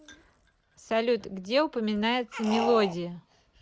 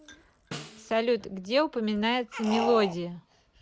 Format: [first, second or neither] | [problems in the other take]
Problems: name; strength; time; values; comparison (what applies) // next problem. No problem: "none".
first | background sound (Snare drum); 18 dB below the speech